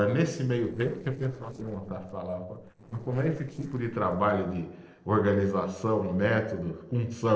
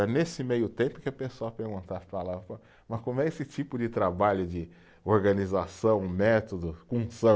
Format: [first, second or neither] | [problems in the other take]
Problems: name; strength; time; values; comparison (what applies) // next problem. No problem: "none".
second | noise reduction (neural separator model SepFormer DNS4)